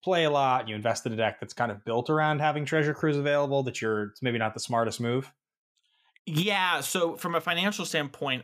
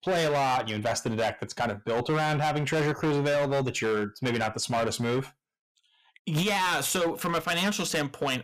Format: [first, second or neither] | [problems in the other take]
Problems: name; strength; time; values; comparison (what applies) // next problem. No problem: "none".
first | distortion; heavy; 18% of the sound clipped